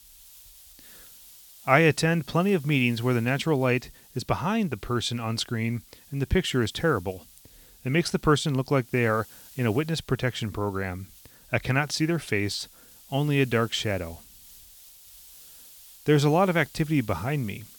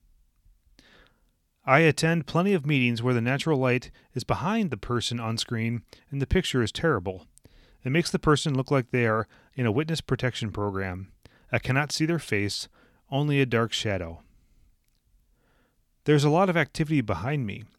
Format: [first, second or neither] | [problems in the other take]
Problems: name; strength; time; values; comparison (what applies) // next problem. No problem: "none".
second | hiss; faint; throughout; 25 dB below the speech